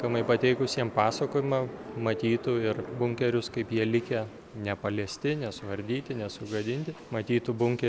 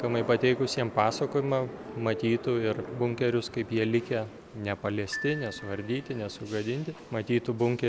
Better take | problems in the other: first | background sound (Glockenspiel); 14 dB below the speech

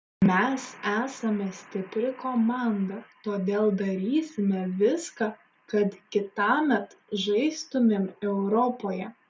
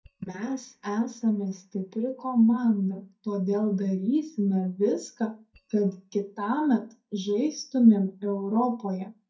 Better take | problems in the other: first | noise reduction (neural mask model DeepFilterNet 3)

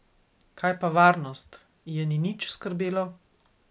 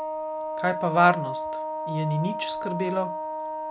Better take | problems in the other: first | background sound (Wind instrument, woodwind instrument); 4 dB below the speech

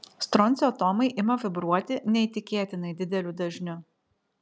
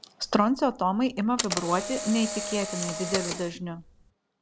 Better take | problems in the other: first | background sound (Camera); 7 dB below the speech

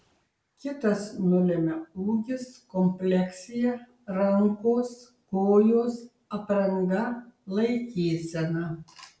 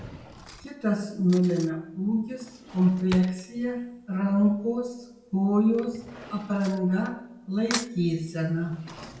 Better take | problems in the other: first | background sound (Cutlery, silverware / Drawer open or close); 17 dB below the speech // room echo; dies away in 0.8 s

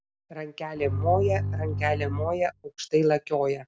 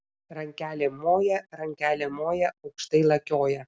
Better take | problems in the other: second | background sound (Bowed string instrument); 2 dB below the speech

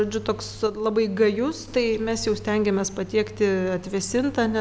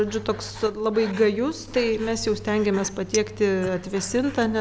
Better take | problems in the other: first | background sound (Breathing + Chink, clink); 18 dB below the speech

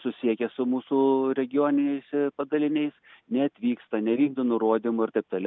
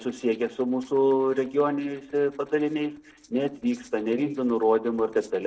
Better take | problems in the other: first | noise reduction (neural separator model SepFormer DNS4)

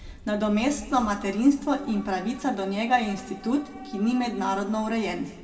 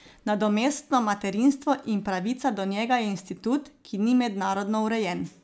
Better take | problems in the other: second | background sound (Subway, metro, underground / Train); 19 dB below the speech // room echo; dies away in 1.3 s

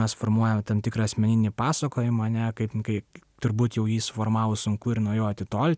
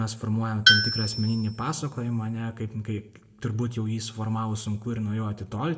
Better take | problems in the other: first | background sound (Tools); 1 dB above the speech // room echo; dies away in 0.8 s

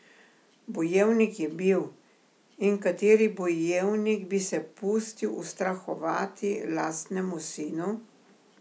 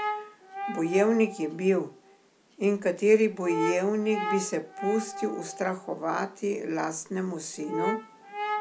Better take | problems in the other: first | background sound (Brass instrument); 8 dB below the speech

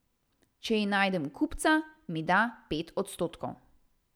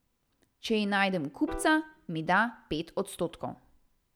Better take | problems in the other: first | background sound (Piano); 17 dB below the speech

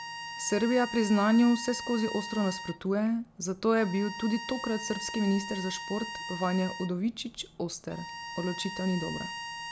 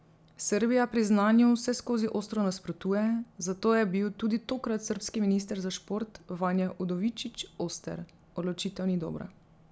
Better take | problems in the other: second | background sound (Bowed string instrument); 11 dB below the speech

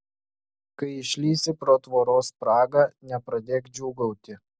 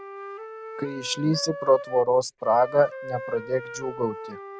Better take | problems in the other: first | background sound (Wind instrument, woodwind instrument); 12 dB below the speech

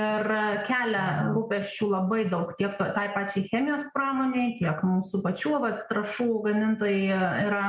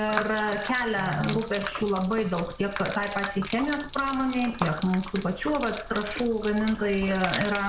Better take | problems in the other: first | background sound (Gurgling / Liquid); 10 dB below the speech

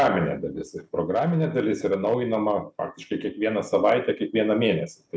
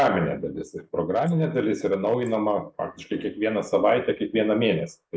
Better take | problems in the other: first | noise reduction (neural mask model Resemble Enhance denoiser)

